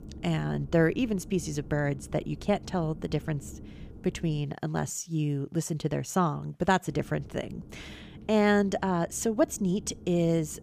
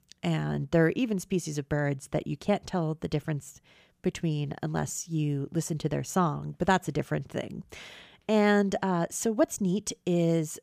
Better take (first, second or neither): second